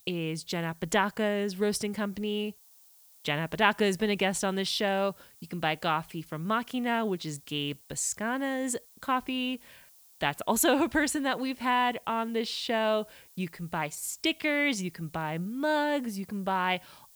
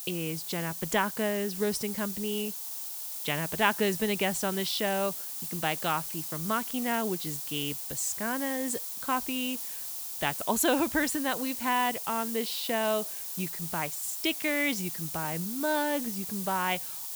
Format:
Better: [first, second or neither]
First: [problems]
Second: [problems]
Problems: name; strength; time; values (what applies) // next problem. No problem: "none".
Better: first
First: hiss; faint; throughout; 25 dB below the speech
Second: hiss; loud; throughout; 4 dB below the speech